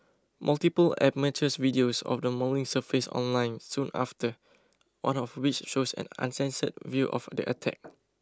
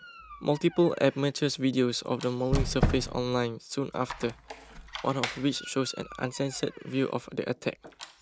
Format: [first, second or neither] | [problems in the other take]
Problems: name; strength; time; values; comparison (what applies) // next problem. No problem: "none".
first | background sound (Squeak); 7 dB below the speech